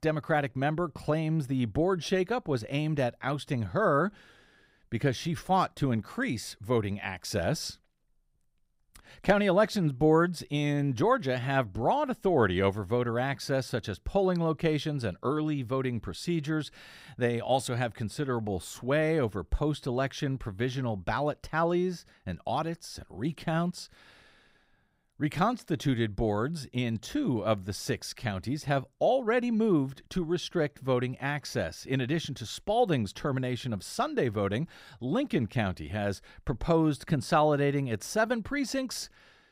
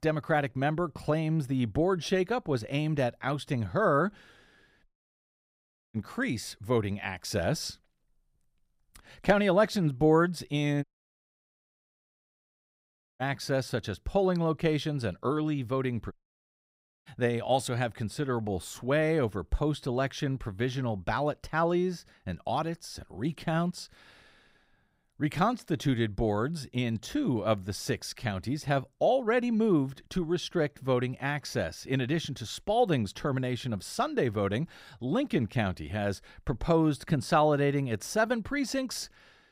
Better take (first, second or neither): first